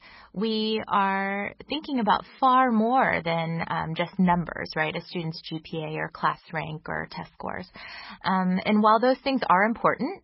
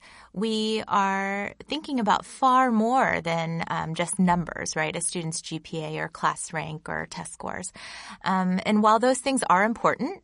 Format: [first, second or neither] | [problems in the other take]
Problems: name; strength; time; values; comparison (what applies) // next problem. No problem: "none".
second | garbled, watery; badly; nothing above 5.5 kHz; slightly in the second